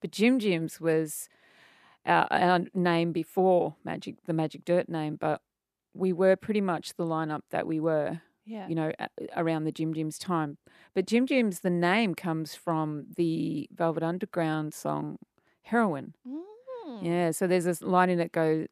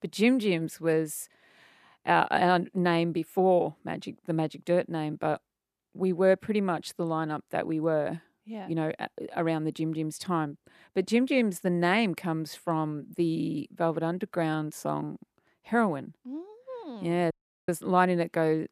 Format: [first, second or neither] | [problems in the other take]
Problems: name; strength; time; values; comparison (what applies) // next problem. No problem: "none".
first | audio cutting out; at 17 s